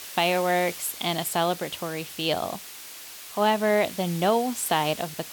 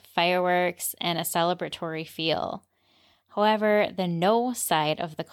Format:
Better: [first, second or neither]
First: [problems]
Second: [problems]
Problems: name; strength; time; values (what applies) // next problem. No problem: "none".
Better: second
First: hiss; noticeable; throughout; 10 dB below the speech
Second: none